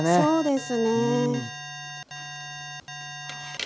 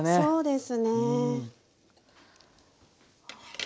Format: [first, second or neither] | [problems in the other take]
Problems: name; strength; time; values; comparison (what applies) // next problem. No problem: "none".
second | background sound (Alarm); 12 dB below the speech